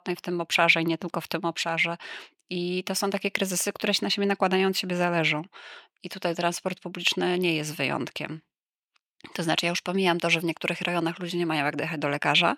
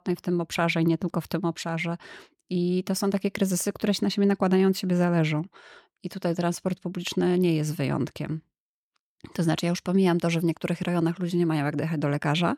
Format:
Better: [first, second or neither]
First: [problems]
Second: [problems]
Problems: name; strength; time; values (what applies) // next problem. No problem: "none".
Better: second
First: thin; somewhat; fading below 400 Hz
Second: none